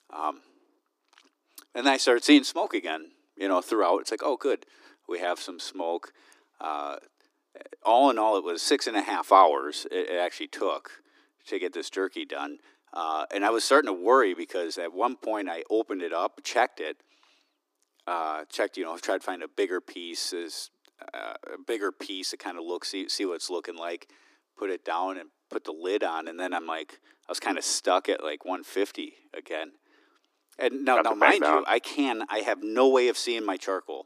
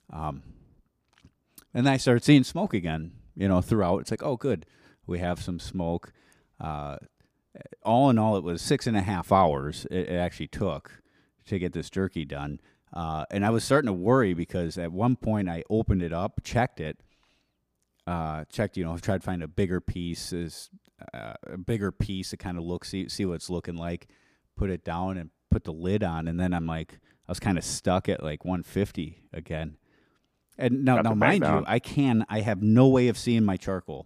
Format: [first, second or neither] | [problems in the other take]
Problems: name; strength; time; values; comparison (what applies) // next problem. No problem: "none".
second | thin; somewhat; fading below 300 Hz